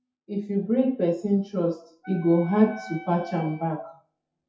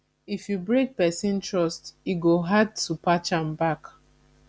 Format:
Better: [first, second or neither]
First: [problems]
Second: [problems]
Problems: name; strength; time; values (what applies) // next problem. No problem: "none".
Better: second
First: noise reduction (classical method WPE with log-MMSE)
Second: none